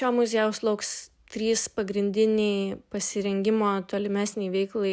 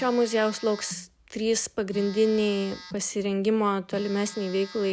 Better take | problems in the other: first | background sound (Telephone); 18 dB below the speech

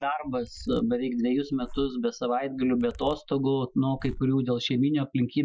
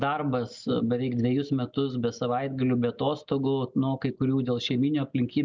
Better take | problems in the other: second | noise reduction (classical method Wiener filter)

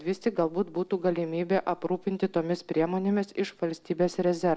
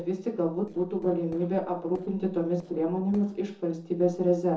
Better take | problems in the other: first | noise reduction (neural separator model SepFormer DNS4)

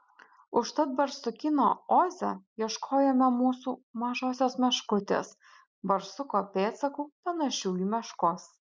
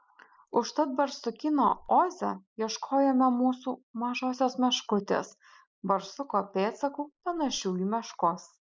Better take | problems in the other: first | noise reduction (neural mask model Resemble Enhance denoiser)

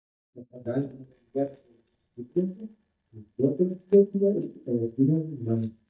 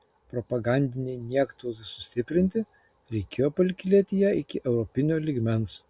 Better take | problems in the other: second | noise reduction (neural mask model DeepFilterNet 3)

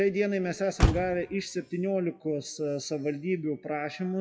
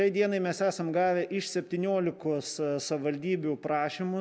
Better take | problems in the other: second | noise reduction (classical method WPE with log-MMSE)

